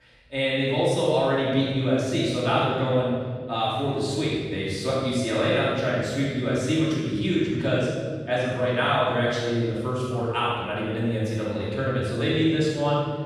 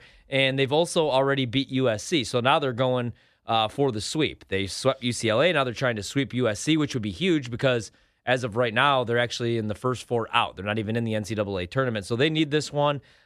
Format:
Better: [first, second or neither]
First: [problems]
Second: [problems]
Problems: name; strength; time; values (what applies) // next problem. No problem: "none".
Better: second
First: off-mic speech; far // room echo; strong; dies away in 2 s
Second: none